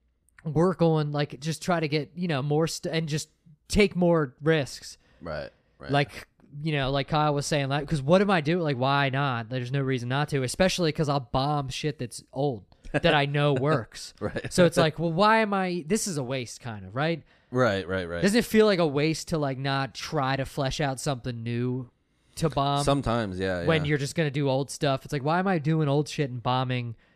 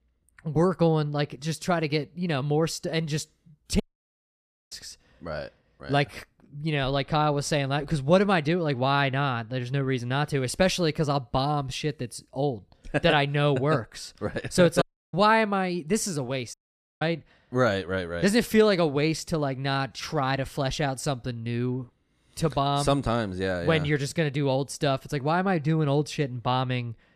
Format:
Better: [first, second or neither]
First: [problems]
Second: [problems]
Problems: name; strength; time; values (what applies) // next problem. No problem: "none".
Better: first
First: none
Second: audio cutting out; at 4 s for 1 s, at 15 s and at 17 s